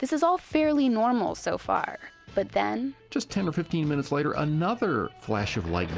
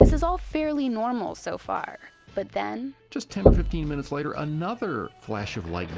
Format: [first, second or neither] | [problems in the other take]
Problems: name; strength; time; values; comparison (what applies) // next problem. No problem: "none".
first | background sound (Knock / Wood); 4 dB above the speech